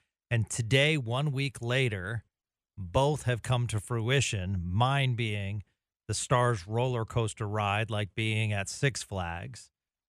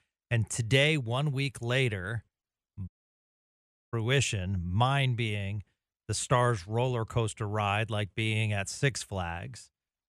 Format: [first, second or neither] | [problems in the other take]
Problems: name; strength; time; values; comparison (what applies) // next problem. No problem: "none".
first | audio cutting out; at 3 s for 1 s